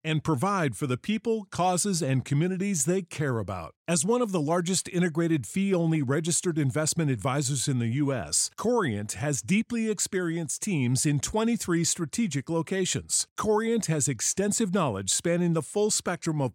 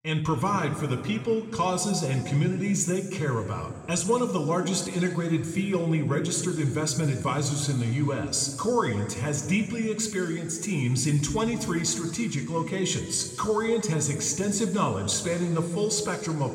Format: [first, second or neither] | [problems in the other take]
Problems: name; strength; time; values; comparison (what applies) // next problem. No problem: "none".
first | room echo; slight; dies away in 2 s // off-mic speech; somewhat distant